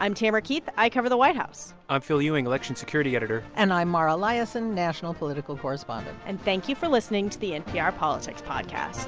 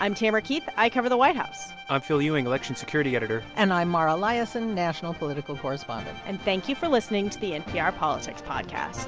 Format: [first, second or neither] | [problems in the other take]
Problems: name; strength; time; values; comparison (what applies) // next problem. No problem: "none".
first | background sound (Bowed string instrument); 18 dB below the speech